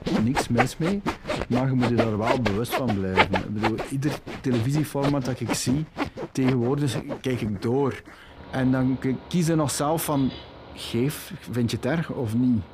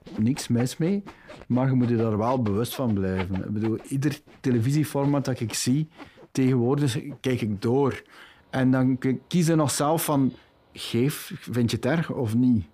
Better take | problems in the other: second | machinery noise; loud; throughout; 4 dB below the speech; faint in the second

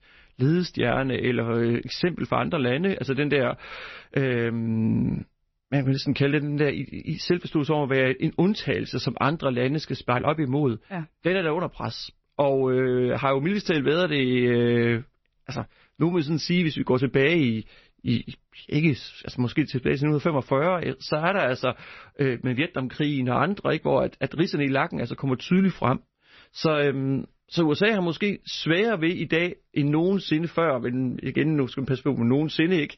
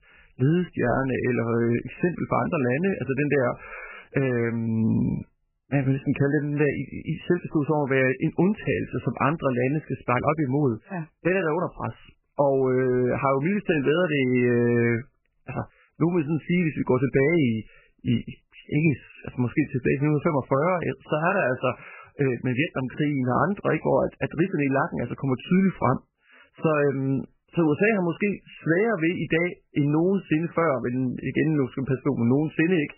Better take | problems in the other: first | garbled, watery; badly; nothing above 3 kHz; slightly in the first

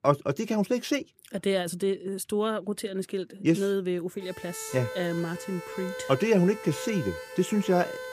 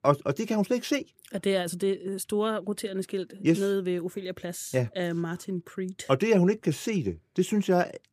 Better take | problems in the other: second | siren; noticeable; from 4 s on; peak 8 dB below the speech

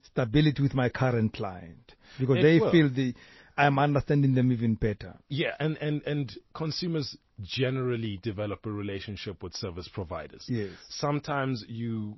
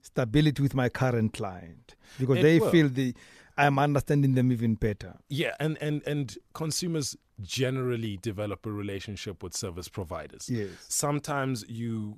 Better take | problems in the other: second | garbled, watery; slightly; nothing above 5.5 kHz

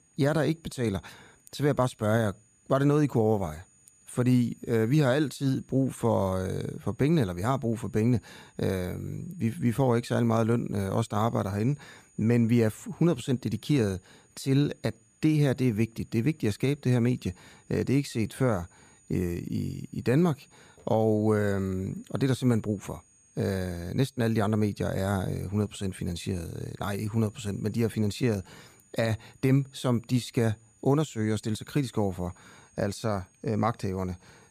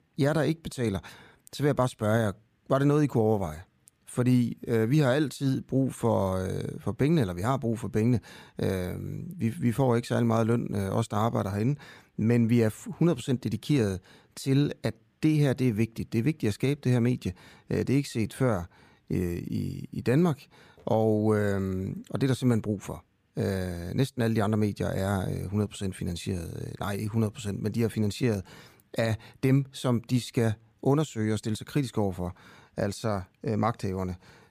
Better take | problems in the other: second | high-pitched whine; faint; throughout; 7 kHz, 30 dB below the speech

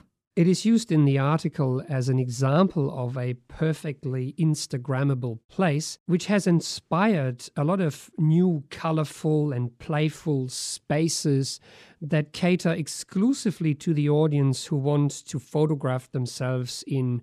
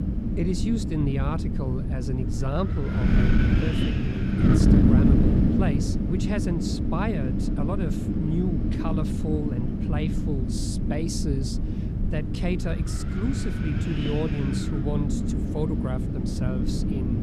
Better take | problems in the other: first | wind noise on the microphone; heavy; 2 dB above the speech

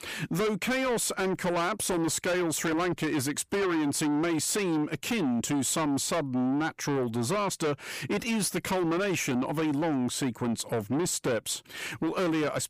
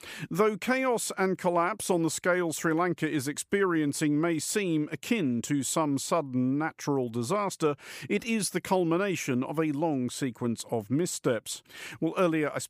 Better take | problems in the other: second | distortion; heavy; 7 dB below the speech

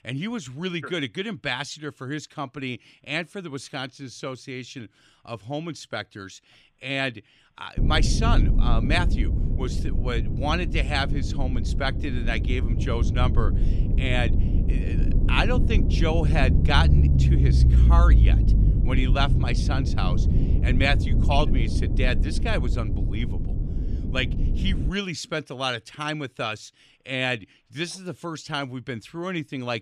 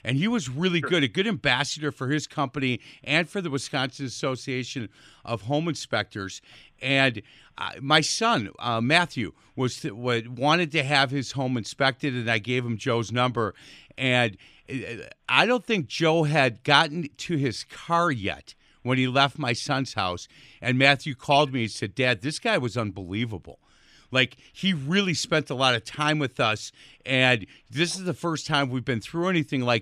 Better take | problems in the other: second | low rumble; loud; from 8 to 25 s; 8 dB below the speech

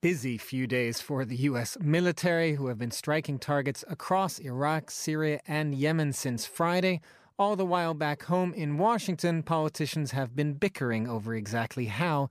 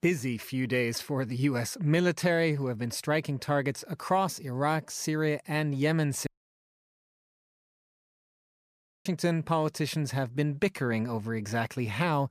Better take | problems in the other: first | audio cutting out; at 6.5 s for 3 s

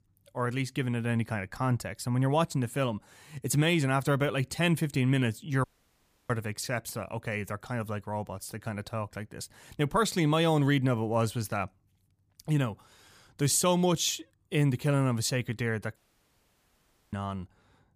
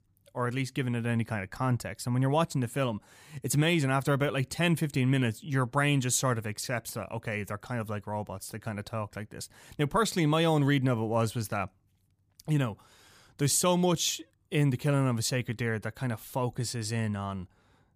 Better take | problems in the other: second | audio cutting out; at 5.5 s for 0.5 s and at 16 s for 1 s

